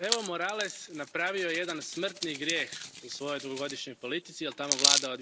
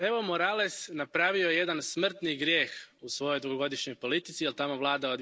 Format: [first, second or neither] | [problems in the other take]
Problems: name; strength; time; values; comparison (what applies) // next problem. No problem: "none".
second | background sound (Hands); as loud as the speech